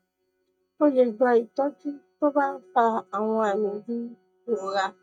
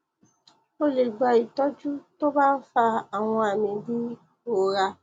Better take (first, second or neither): second